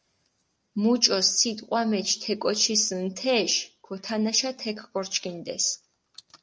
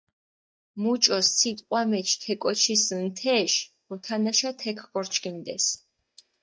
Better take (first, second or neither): first